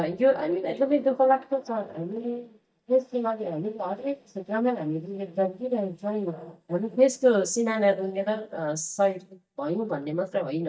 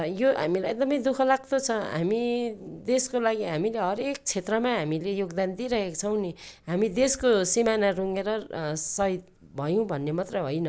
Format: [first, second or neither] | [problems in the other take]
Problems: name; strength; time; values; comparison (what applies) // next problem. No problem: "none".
second | noise reduction (neural mask model DeepFilterNet 3)